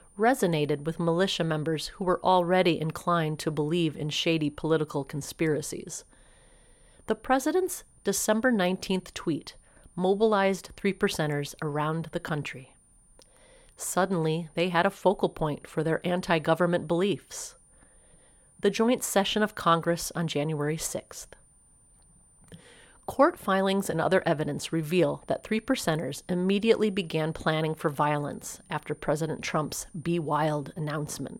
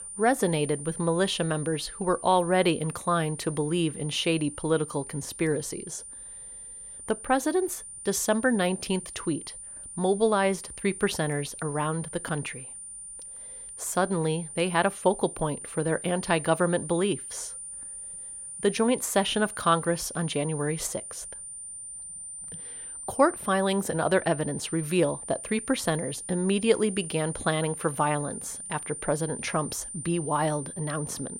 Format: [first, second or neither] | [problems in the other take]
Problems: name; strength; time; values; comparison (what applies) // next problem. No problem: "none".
first | high-pitched whine; loud; throughout; 9 kHz, 10 dB below the speech; faint in the first